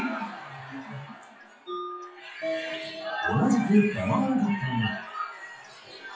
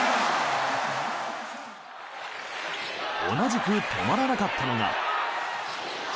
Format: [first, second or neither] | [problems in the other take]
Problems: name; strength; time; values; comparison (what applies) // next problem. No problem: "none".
second | noise reduction (classical method WPE with log-MMSE)